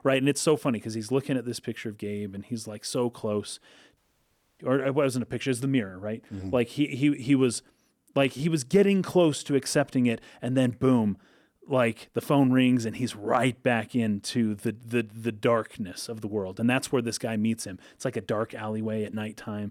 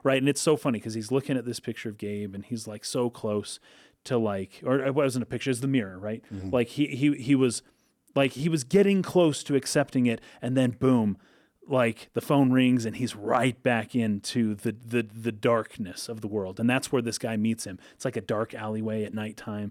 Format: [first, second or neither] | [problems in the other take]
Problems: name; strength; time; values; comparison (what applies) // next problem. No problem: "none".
second | audio cutting out; at 4 s for 0.5 s